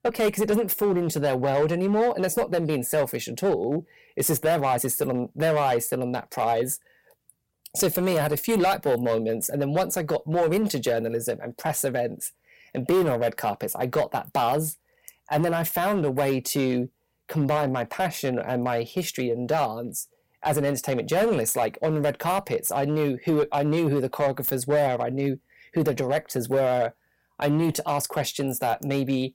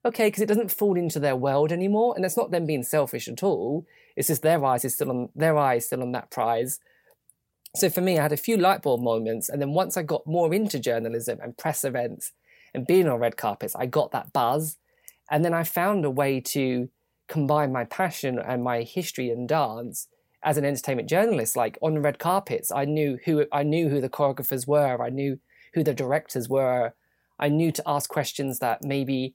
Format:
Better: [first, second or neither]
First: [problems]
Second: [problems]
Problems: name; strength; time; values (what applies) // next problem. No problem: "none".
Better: second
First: distortion; slight; 6% of the sound clipped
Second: none